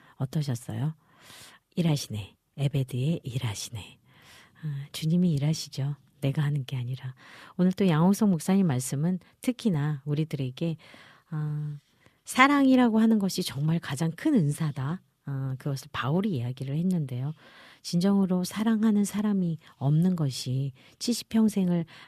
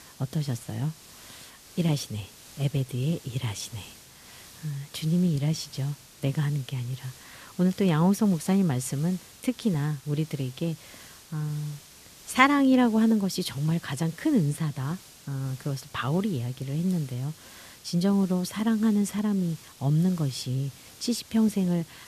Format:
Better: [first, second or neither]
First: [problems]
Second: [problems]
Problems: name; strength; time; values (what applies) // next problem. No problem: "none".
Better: first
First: none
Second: hiss; faint; throughout; 20 dB below the speech